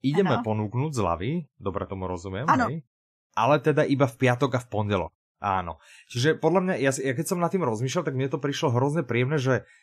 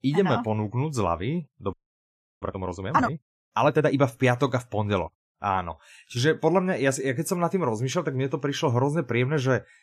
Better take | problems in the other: first | audio freezing; at 1.5 s for 0.5 s

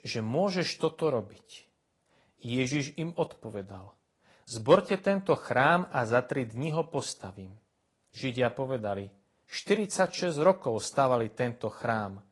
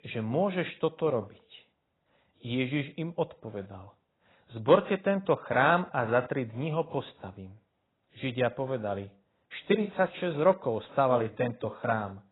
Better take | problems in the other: first | garbled, watery; badly; nothing above 4 kHz; slightly in the first

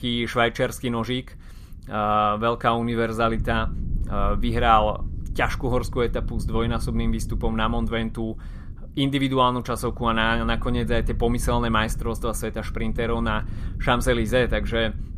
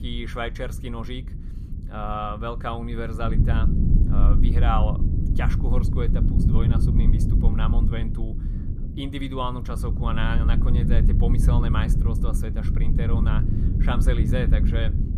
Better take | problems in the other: first | low rumble; loud; throughout; 4 dB below the speech; faint in the first

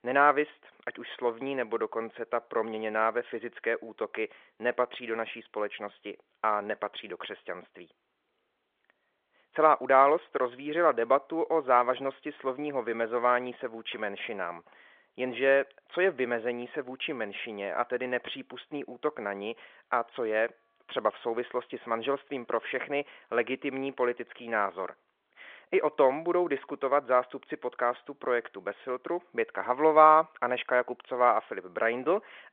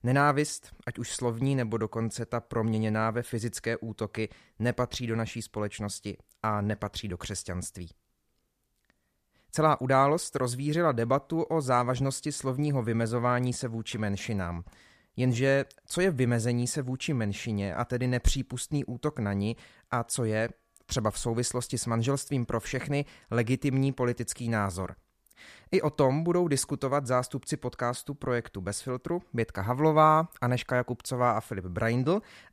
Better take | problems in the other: second | phone-call audio; nothing above 3.5 kHz

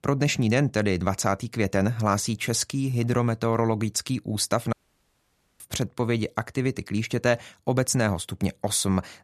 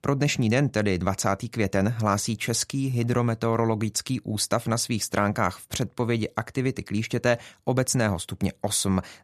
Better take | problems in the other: second | audio cutting out; at 4.5 s for 1 s

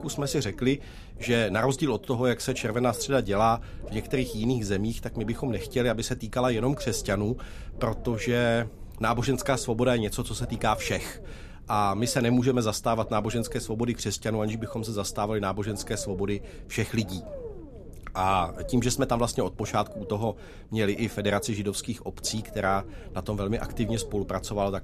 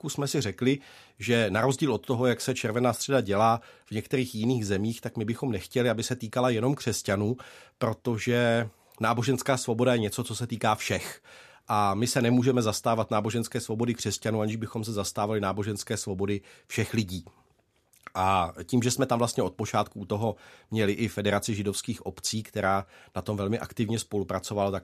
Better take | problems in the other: second | low rumble; noticeable; throughout; 15 dB below the speech

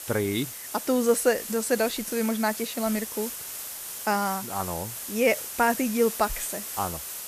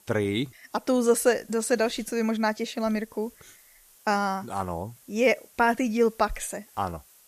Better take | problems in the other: second | hiss; loud; throughout; 7 dB below the speech; faint in the second

